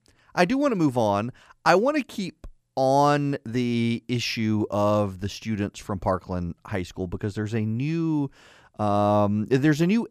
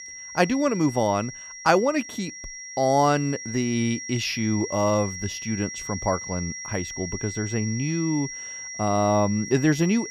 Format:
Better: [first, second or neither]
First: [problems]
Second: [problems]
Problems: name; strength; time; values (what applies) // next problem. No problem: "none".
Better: first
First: none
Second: high-pitched whine; loud; throughout; 5.5 kHz, 9 dB below the speech